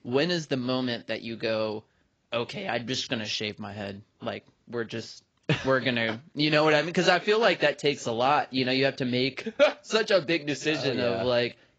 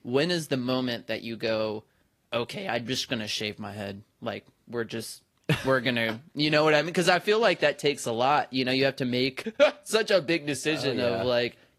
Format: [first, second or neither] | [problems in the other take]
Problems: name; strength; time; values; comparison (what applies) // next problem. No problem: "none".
second | garbled, watery; badly; nothing above 7.5 kHz; slightly in the second